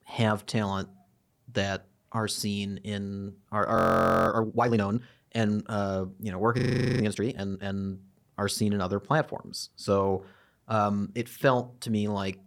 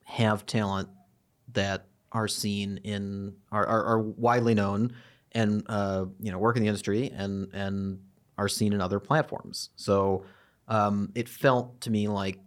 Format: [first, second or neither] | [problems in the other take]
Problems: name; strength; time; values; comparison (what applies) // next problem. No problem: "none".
second | audio freezing; at 4 s for 0.5 s and at 6.5 s